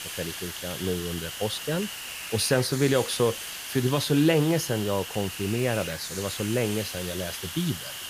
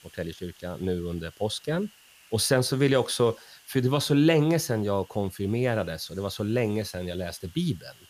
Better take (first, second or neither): second